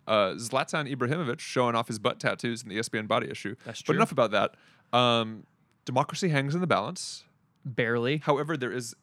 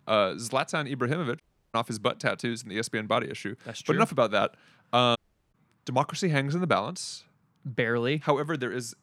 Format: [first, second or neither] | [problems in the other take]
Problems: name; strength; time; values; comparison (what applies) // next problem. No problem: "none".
first | audio cutting out; at 1.5 s and at 5 s